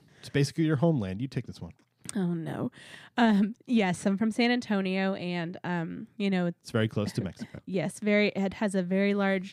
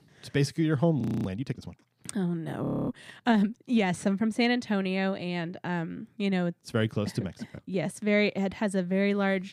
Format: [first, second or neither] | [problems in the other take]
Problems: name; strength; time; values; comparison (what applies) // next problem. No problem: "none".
first | audio freezing; at 1 s and at 2.5 s